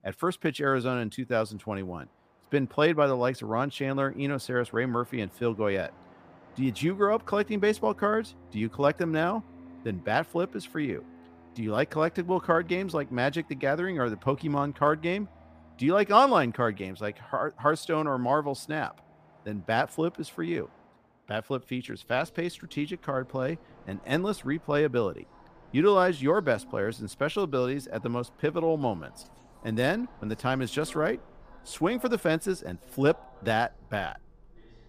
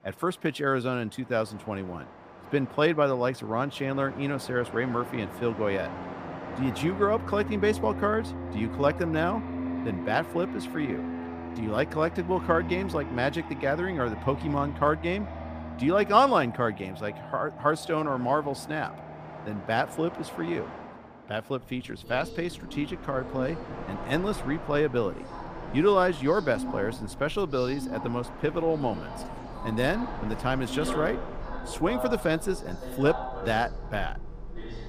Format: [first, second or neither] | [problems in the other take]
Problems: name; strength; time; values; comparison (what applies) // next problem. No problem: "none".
first | train or aircraft noise; loud; throughout; 10 dB below the speech; faint in the first